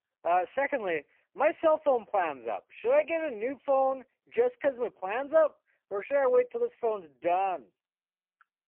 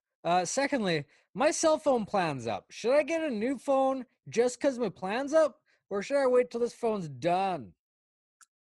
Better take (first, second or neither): second